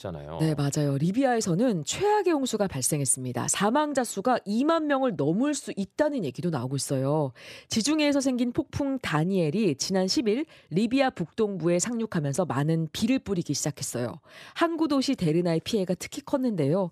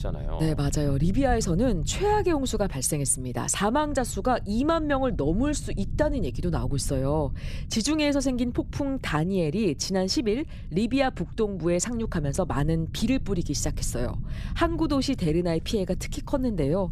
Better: first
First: none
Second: low rumble; faint; throughout; 20 dB below the speech

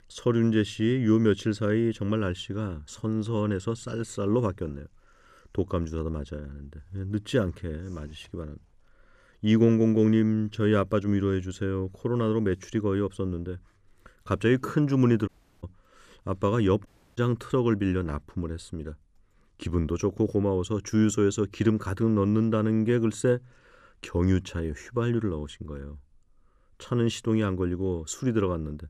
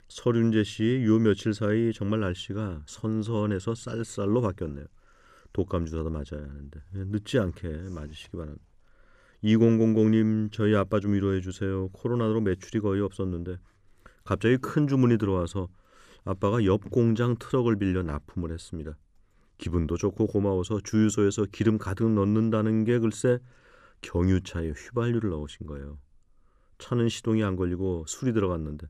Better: second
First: audio cutting out; at 15 s and at 17 s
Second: none

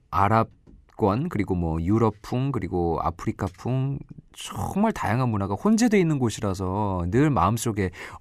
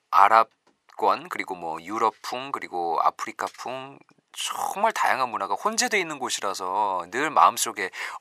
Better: first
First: none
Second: thin; very; fading below 850 Hz

